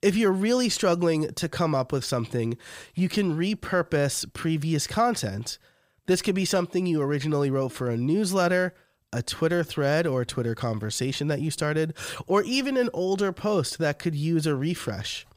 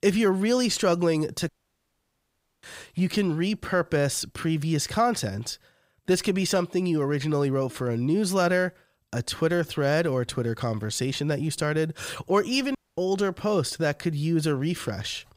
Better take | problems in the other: first | audio cutting out; at 1.5 s for 1 s and at 13 s

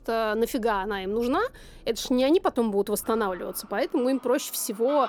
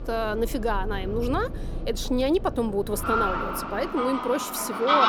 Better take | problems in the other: first | animal sounds; loud; throughout; 3 dB below the speech; faint in the first

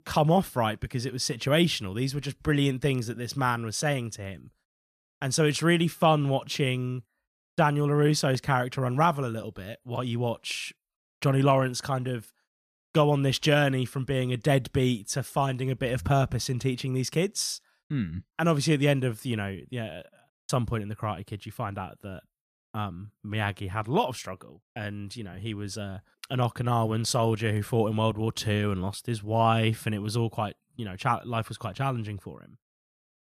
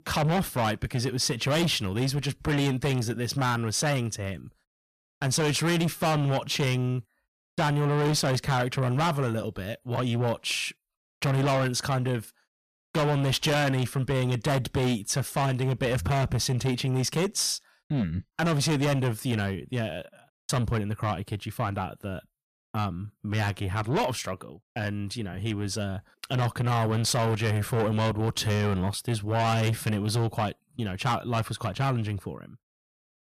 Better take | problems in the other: first | distortion; heavy; 6 dB below the speech

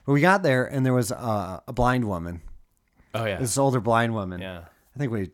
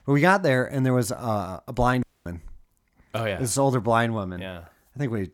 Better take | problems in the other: first | audio cutting out; at 2 s

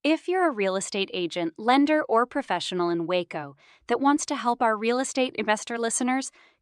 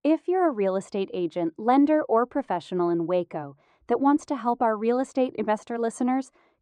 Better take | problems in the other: first | muffled; slightly; fading above 1.5 kHz

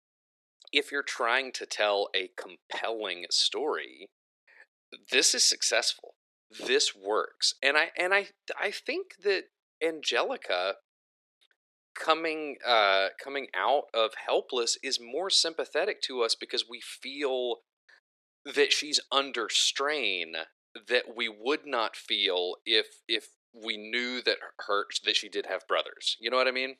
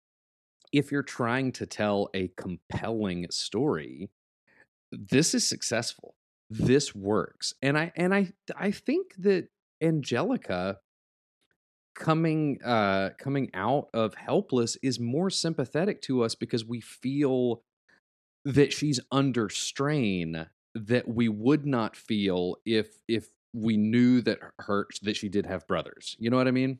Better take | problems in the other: second | thin; very; fading below 450 Hz

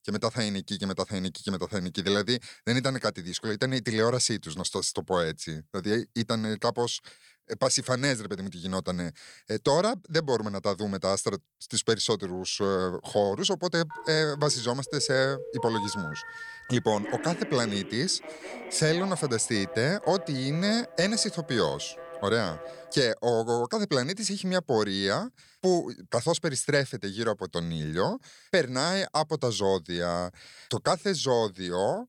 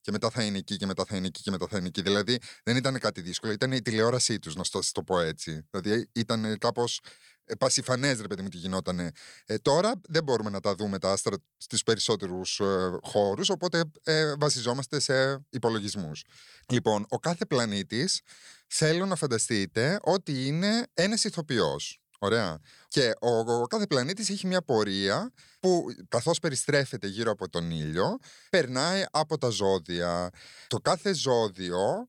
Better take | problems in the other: second | phone ringing; noticeable; from 14 to 23 s; peak 7 dB below the speech

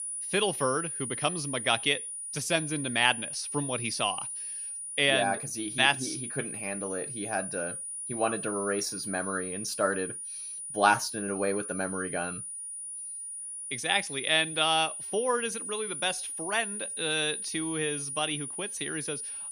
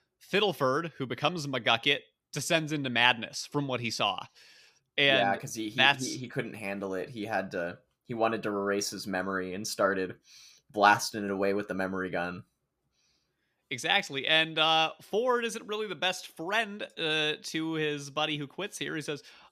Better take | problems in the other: second | high-pitched whine; loud; throughout; 9.5 kHz, 5 dB below the speech

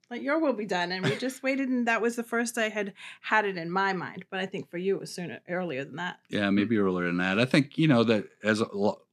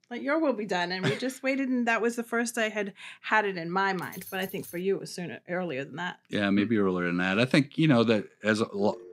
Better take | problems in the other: first | jangling keys; faint; at 4 s; peak 15 dB below the speech // phone ringing; very faint; at 9 s; peak 15 dB below the speech

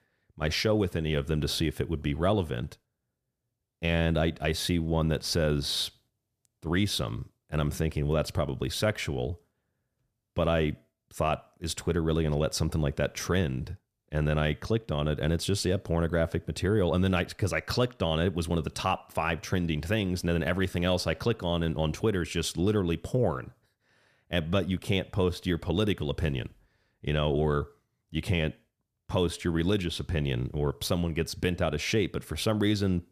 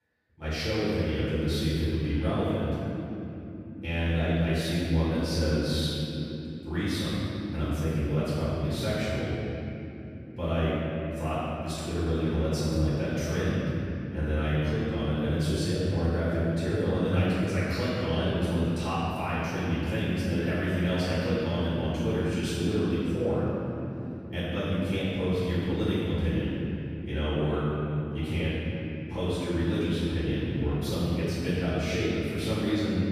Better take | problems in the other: first | off-mic speech; far // room echo; strong; dies away in 3 s

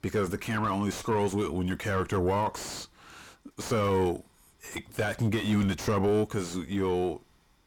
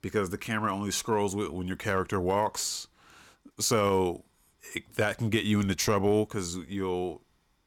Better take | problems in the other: second | distortion; heavy; 8 dB below the speech

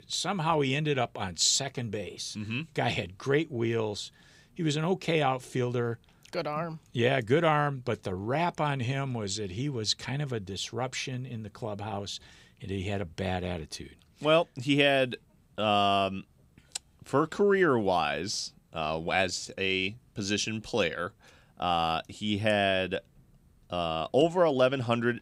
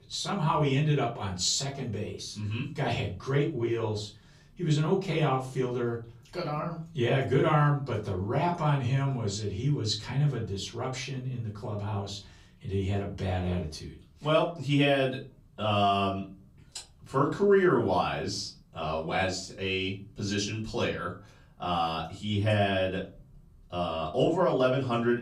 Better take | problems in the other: first | off-mic speech; far // room echo; slight; dies away in 0.3 s

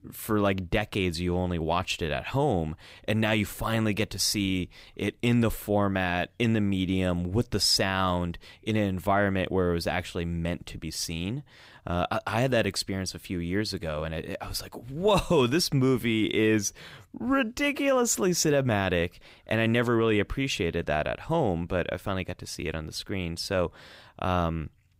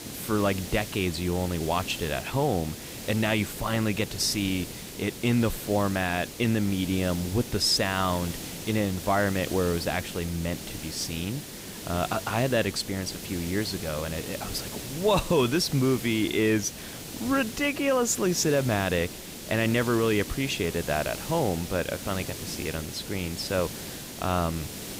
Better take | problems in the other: first | hiss; loud; throughout; 10 dB below the speech

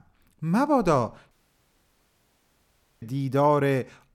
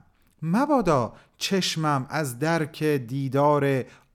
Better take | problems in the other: second | audio cutting out; at 1.5 s for 1.5 s

